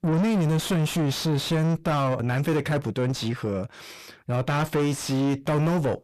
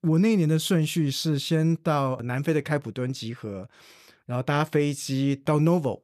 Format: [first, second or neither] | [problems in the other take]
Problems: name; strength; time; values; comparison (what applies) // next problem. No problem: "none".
second | distortion; heavy; 6 dB below the speech